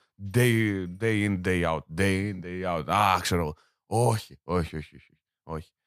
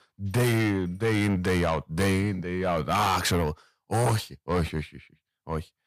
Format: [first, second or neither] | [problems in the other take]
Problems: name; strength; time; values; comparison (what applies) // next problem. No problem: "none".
first | distortion; heavy; 7 dB below the speech